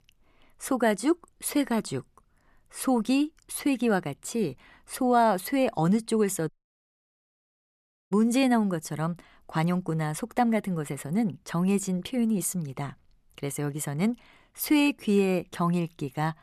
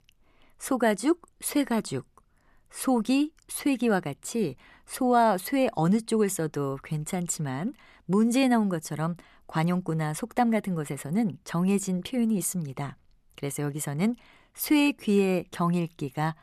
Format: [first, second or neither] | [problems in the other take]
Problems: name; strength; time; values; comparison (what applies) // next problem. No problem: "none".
second | audio cutting out; at 6.5 s for 1.5 s